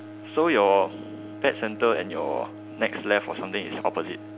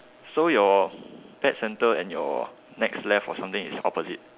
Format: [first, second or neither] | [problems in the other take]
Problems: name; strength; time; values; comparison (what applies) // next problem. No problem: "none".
second | background sound (Bowed string instrument); 14 dB below the speech